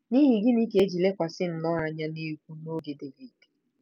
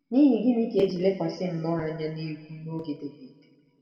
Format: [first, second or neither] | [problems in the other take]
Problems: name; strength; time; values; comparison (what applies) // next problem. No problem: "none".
first | room echo; dies away in 1.8 s